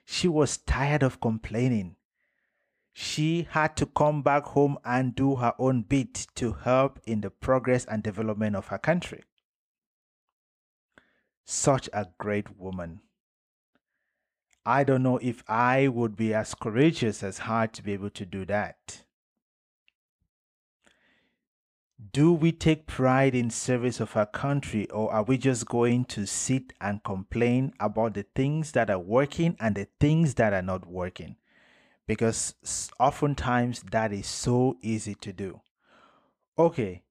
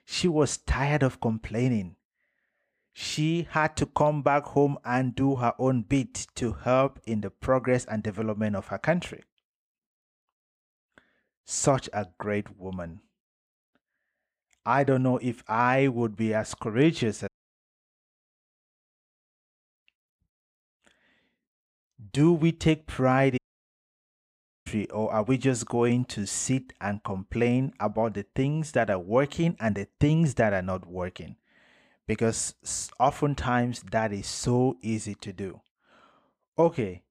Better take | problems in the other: first | audio cutting out; at 17 s for 2 s and at 23 s for 1.5 s

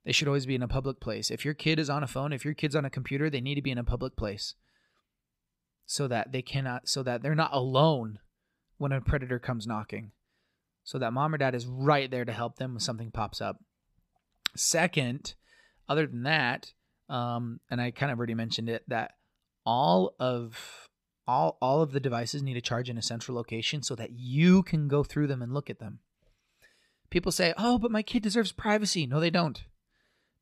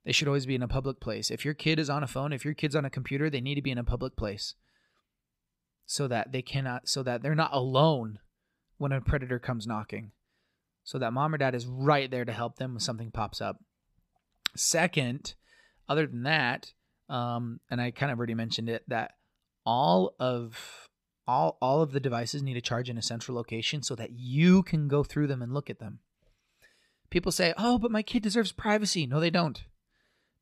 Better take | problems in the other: neither | none

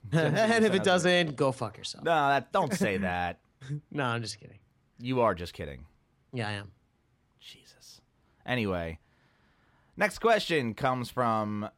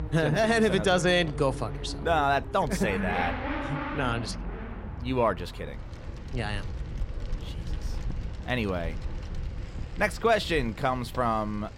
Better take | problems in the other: first | traffic noise; loud; throughout; 10 dB below the speech

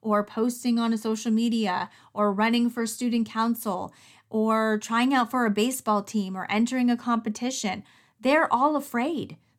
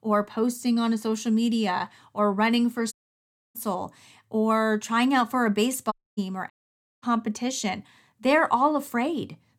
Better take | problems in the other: first | audio cutting out; at 3 s for 0.5 s, at 6 s and at 6.5 s for 0.5 s

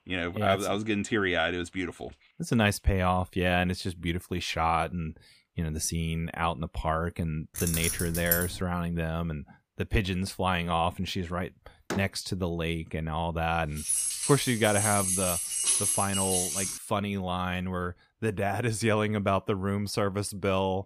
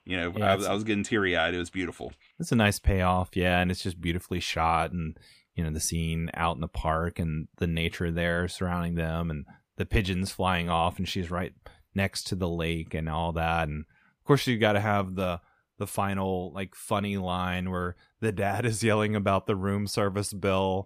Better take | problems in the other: second | jangling keys; loud; from 7.5 to 8.5 s and from 14 to 17 s; peak 6 dB above the speech // door banging; noticeable; at 12 s; peak 8 dB below the speech

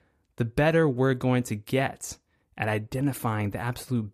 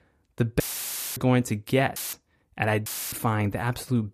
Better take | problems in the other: first | audio cutting out; filled with static; at 0.5 s for 0.5 s, at 2 s and at 3 s

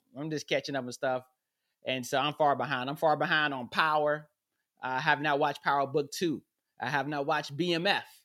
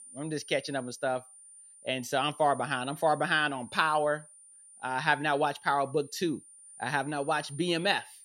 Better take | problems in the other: first | high-pitched whine; noticeable; throughout; 9 kHz, 20 dB below the speech

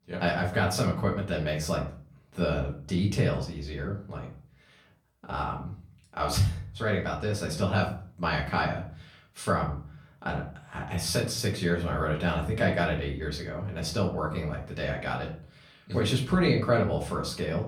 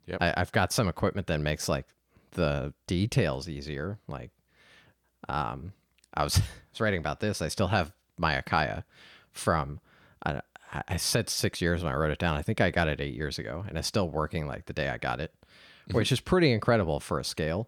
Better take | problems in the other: second | off-mic speech; far // room echo; slight; dies away in 0.4 s

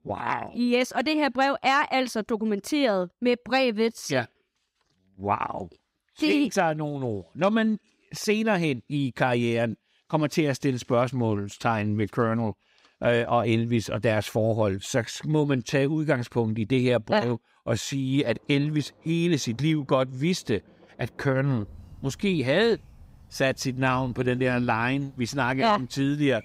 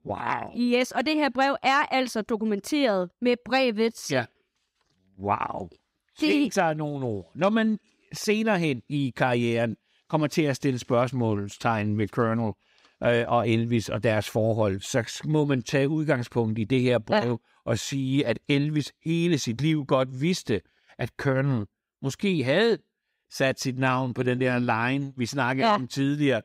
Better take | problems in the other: second | rain or running water; faint; from 18 s on; 25 dB below the speech

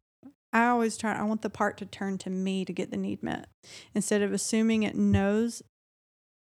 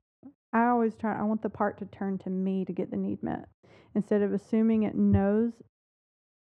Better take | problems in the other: first | muffled; very; fading above 3 kHz

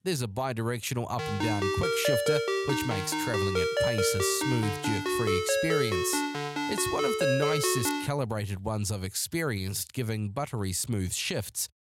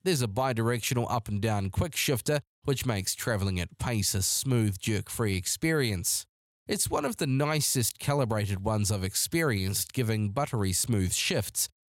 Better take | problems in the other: second | phone ringing; loud; from 1 to 8 s; peak 5 dB above the speech

